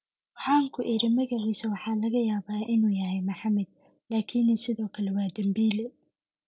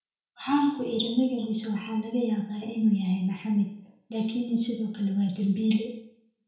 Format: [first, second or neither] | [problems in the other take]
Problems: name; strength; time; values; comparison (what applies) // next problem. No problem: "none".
first | room echo; dies away in 0.5 s